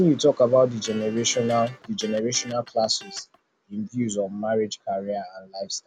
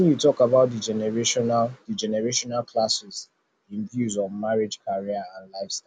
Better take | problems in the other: second | background sound (Electric guitar); 19 dB below the speech

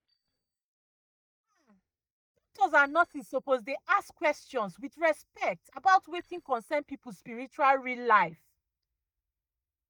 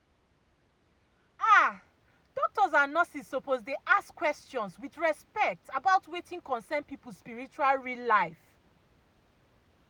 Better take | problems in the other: second | noise reduction (neural mask model DeepFilterNet 3)

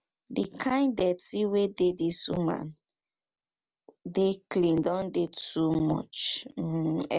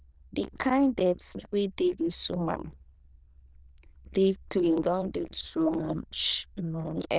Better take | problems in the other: first | noise reduction (neural diffusion model UNIVERSE++)

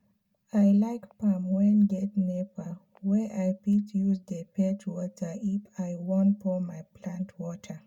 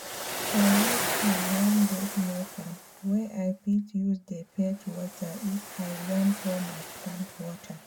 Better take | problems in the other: first | background sound (Waves, surf); 6 dB below the speech

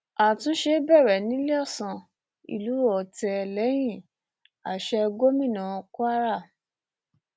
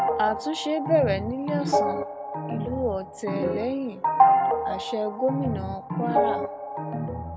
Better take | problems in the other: first | background sound (Organ); 3 dB above the speech

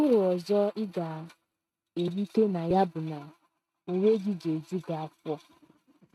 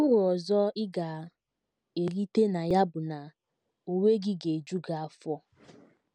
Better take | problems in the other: second | noise reduction (neural mask model RNNoise)

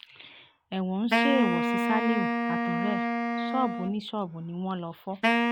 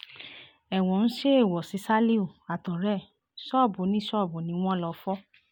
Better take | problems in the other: second | background sound (Wind instrument, woodwind instrument); 3 dB above the speech

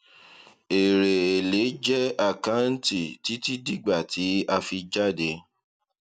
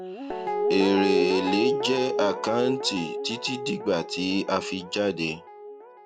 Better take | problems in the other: first | background sound (Guitar); 3 dB below the speech

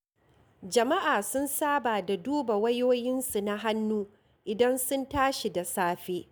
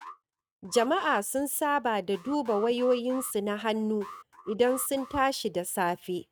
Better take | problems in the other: first | noise reduction (neural mask model RNNoise)

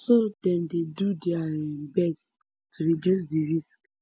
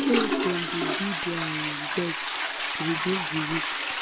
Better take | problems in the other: first | background sound (Toilet flush); 2 dB above the speech

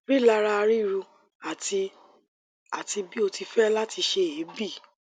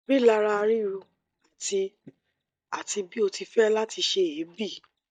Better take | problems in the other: first | noise reduction (neural mask model DeepFilterNet 3)

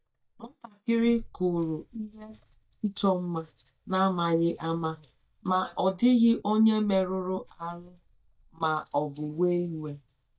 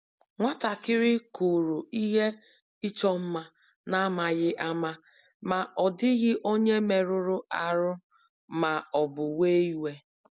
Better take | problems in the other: second | noise reduction (neural mask model DeepFilterNet 3)

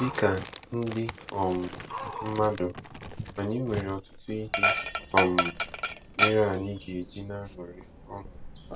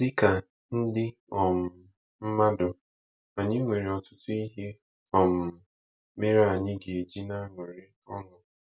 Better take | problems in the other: second | background sound (Dog); 2 dB below the speech

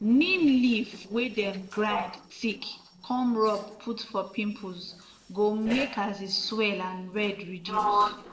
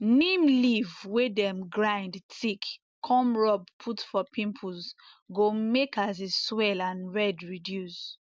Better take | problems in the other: second | noise reduction (neural separator model SepFormer DNS4)

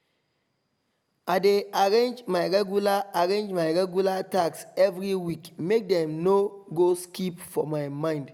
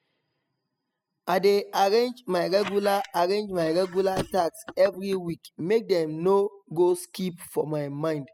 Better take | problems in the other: first | noise reduction (classical method spectral subtraction)

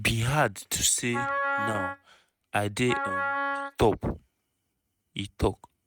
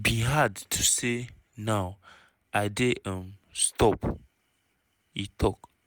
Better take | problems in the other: second | noise reduction (neural mask model RNNoise)

